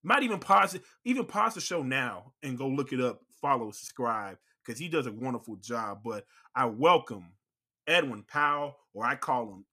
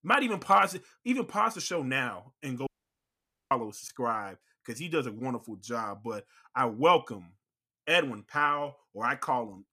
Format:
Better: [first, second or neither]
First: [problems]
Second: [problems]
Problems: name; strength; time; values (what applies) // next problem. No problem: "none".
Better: first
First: none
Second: audio cutting out; at 2.5 s for 1 s